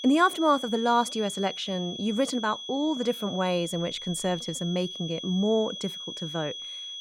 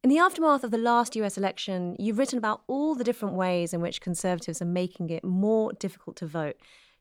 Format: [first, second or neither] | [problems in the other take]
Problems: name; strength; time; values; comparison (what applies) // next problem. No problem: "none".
second | high-pitched whine; loud; throughout; 3.5 kHz, 8 dB below the speech